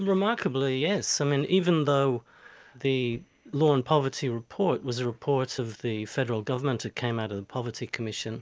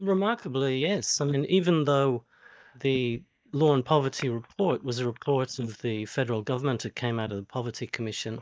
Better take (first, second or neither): first